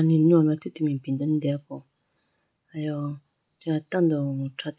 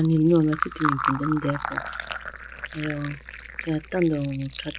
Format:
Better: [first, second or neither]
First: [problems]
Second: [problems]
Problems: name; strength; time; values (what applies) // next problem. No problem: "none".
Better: first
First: none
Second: background sound (Fill (with liquid)); 7 dB below the speech